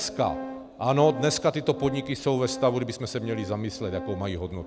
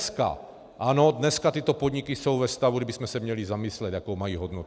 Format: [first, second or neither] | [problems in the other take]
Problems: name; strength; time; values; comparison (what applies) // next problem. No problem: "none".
second | background sound (Organ); 12 dB below the speech